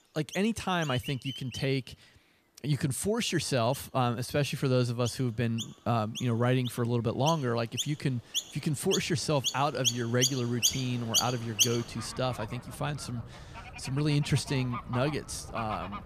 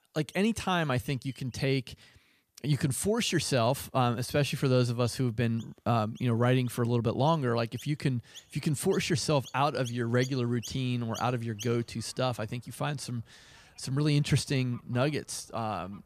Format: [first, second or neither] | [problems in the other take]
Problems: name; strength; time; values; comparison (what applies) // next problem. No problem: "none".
second | animal sounds; loud; throughout; 3 dB below the speech; faint in the second